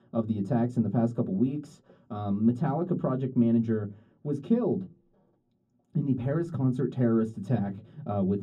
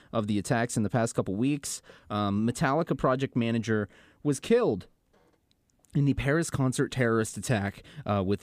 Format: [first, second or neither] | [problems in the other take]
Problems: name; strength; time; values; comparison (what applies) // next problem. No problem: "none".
second | room echo; very slight; dies away in 0.4 s // off-mic speech; far